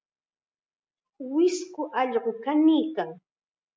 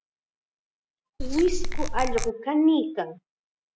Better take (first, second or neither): first